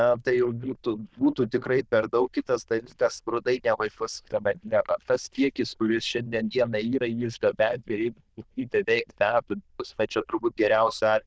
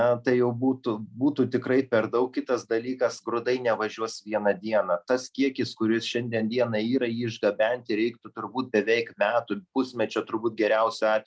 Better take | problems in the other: second | noise reduction (neural diffusion model UNIVERSE++)

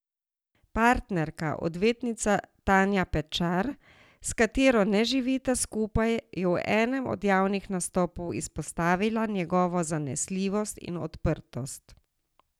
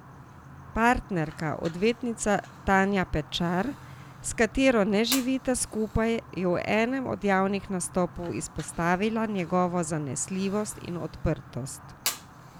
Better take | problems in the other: first | background sound (Fire); 15 dB below the speech

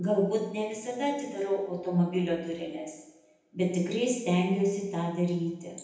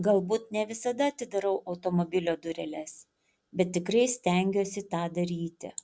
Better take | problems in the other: second | room echo; dies away in 0.9 s

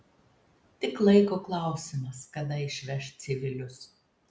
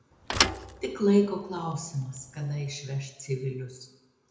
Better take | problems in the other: first | background sound (Thump, thud); 4 dB below the speech // room echo; dies away in 0.6 s

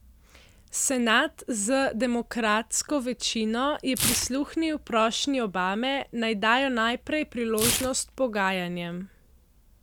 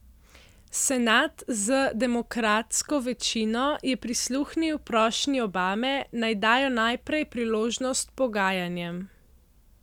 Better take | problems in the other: second | background sound (Tearing); 9 dB below the speech

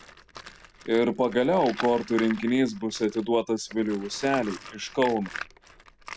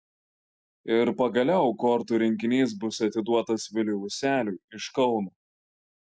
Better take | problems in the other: second | background sound (Tools); 15 dB below the speech

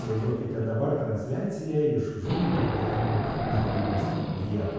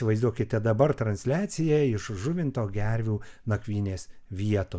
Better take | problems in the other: second | background sound (Wild animals); 2 dB below the speech // room echo; dies away in 1.2 s

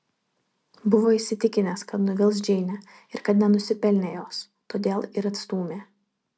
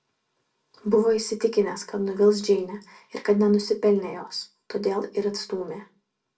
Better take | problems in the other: first | room echo; dies away in 0.2 s

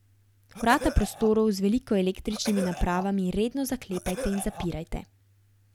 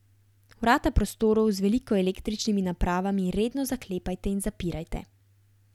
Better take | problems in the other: second | background sound (Cough); 11 dB below the speech

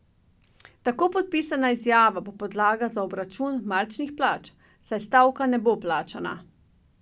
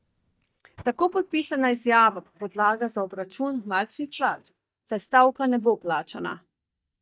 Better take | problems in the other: first | noise reduction (neural mask model DeepFilterNet 3)

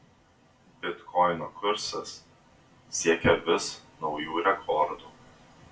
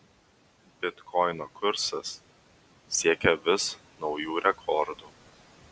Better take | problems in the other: second | room echo; dies away in 0.2 s

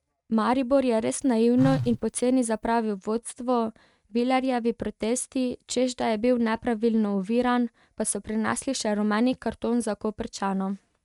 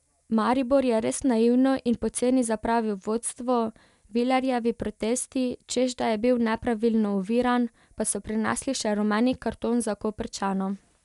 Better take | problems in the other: second | noise reduction (neural mask model RNNoise)

